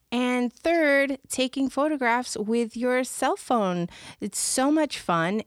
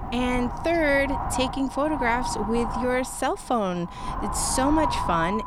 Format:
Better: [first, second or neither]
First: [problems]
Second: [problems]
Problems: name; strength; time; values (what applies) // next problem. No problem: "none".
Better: first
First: none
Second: wind noise on the microphone; heavy; 4 dB below the speech